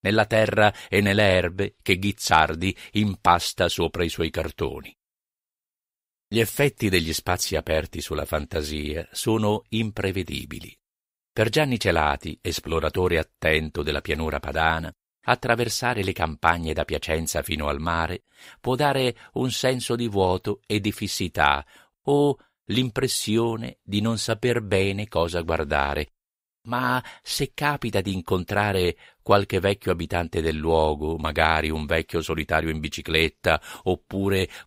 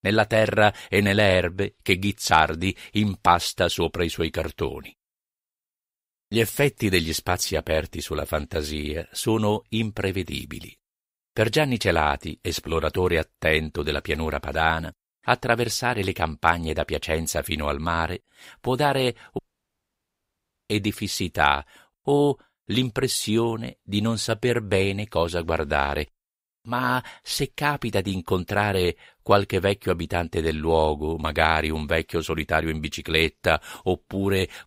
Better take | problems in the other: first | audio cutting out; at 19 s for 1.5 s

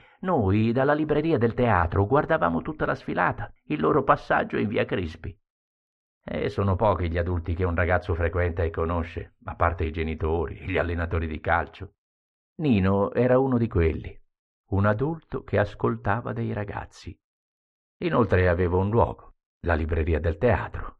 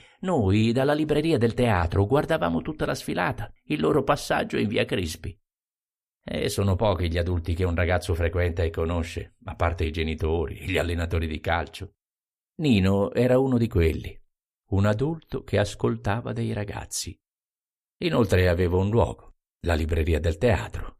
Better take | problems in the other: second | muffled; very; fading above 2 kHz

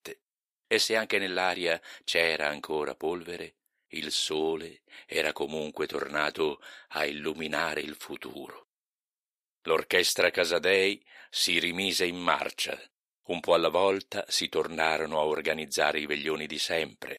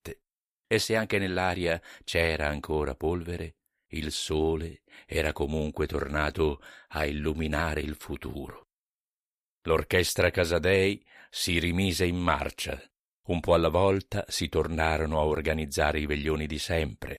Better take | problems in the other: second | thin; somewhat; fading below 300 Hz

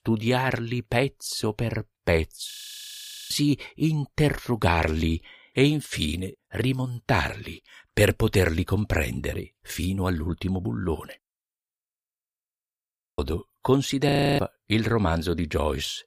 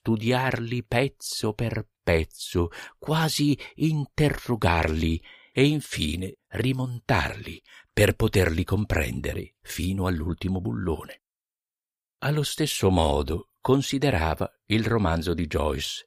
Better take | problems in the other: second | audio freezing; at 2.5 s for 1 s, at 12 s for 1.5 s and at 14 s

